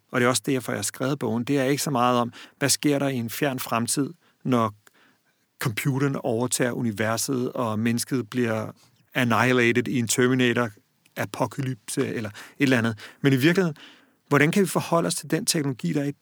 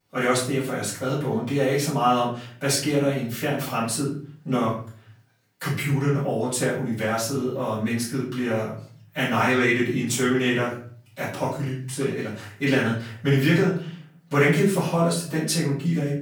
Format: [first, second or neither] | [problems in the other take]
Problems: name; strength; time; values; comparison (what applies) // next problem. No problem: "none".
first | off-mic speech; far // room echo; noticeable; dies away in 0.5 s